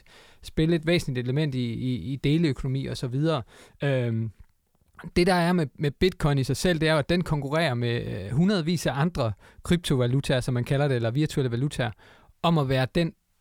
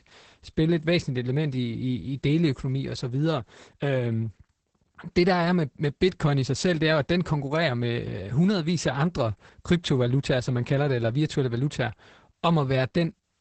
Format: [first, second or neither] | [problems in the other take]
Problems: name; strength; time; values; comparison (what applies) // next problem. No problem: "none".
first | garbled, watery; badly; nothing above 8 kHz